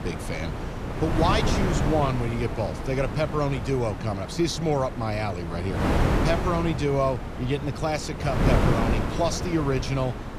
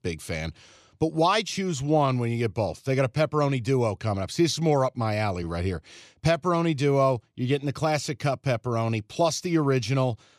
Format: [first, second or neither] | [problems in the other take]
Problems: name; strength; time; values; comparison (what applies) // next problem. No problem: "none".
second | wind noise on the microphone; heavy; 4 dB below the speech